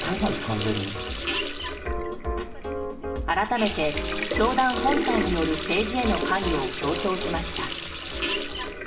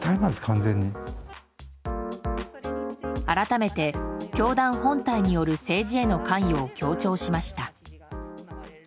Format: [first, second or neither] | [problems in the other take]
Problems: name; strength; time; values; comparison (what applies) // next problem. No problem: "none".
second | background sound (Water tap, faucet); 4 dB below the speech // room echo; dies away in 0.6 s